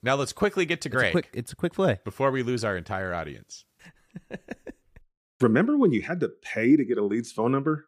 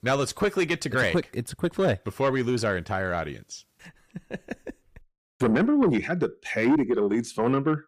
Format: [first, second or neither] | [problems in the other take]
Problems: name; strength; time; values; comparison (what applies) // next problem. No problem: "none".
first | distortion; slight; 10 dB below the speech